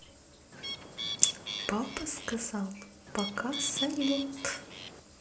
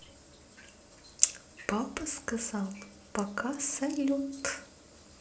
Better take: second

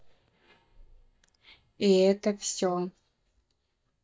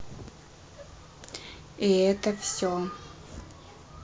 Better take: second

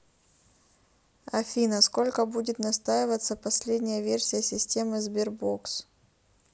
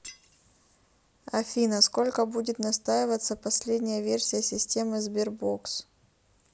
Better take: first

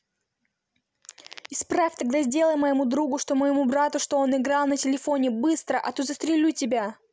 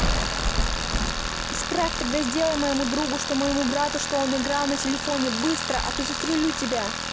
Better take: first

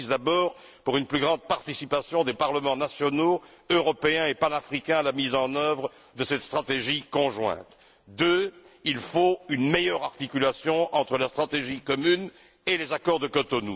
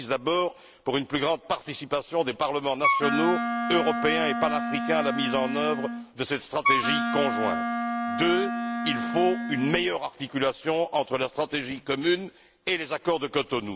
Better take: first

